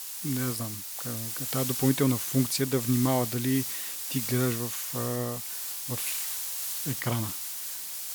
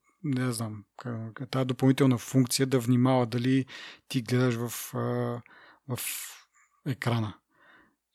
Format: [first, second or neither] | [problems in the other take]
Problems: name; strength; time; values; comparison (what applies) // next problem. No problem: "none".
second | hiss; loud; throughout; 2 dB below the speech